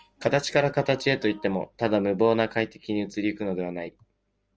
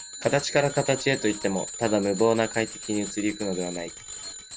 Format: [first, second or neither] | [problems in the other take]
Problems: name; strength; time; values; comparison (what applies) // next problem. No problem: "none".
first | background sound (Bicycle bell); 11 dB below the speech